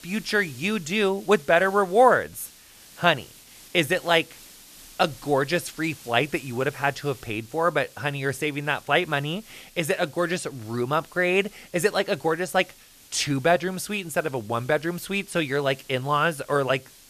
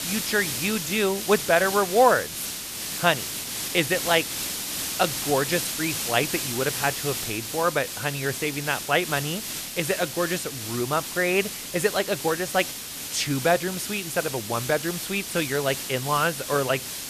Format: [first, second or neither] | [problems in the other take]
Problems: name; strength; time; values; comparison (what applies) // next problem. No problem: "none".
first | hiss; loud; throughout; 5 dB below the speech; faint in the first